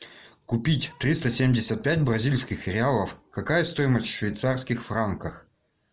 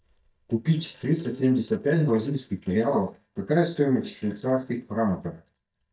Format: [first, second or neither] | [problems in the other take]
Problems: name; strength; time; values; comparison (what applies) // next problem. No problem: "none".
first | noise reduction (neural mask model DeepFilterNet 3)